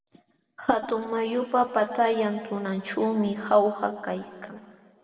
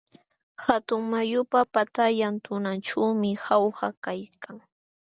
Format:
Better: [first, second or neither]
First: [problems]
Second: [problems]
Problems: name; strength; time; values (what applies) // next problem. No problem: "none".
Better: second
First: room echo; dies away in 1.9 s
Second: none